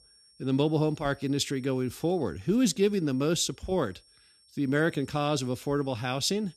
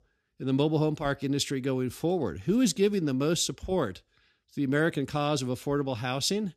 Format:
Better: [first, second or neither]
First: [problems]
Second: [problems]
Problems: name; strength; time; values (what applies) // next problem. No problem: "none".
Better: second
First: high-pitched whine; faint; throughout; 5.5 kHz, 30 dB below the speech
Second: none